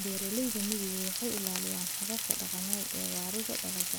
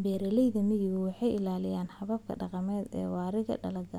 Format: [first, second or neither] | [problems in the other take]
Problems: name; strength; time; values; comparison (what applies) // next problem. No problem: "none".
second | background sound (Frying (food)); 3 dB above the speech